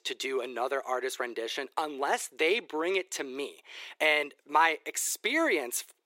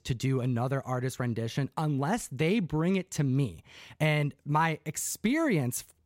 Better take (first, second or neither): second